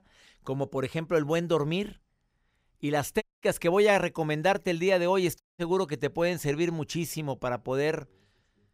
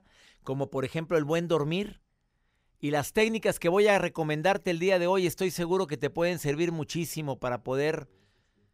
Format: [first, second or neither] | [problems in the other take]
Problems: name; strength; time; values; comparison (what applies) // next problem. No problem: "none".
second | audio cutting out; at 3 s and at 5.5 s